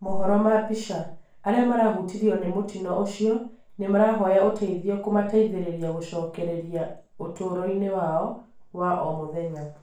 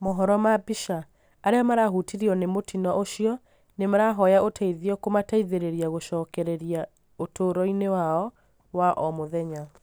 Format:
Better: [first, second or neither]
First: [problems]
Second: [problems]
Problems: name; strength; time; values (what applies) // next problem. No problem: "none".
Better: second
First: room echo; dies away in 0.4 s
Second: none